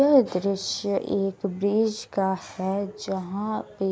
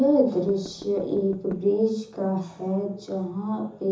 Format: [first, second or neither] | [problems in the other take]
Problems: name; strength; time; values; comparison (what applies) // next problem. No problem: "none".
first | background sound (Knock / Wood); 18 dB below the speech // room echo; dies away in 0.6 s